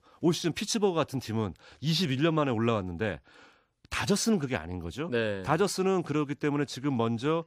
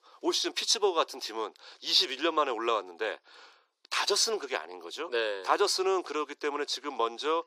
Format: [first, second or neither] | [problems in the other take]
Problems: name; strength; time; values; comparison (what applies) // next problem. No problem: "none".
first | thin; very; fading below 350 Hz